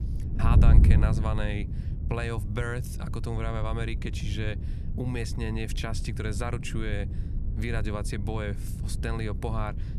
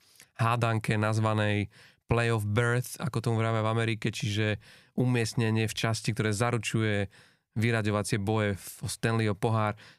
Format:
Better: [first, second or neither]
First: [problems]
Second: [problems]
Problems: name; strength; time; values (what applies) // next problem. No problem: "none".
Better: second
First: wind noise on the microphone; heavy; 8 dB below the speech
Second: none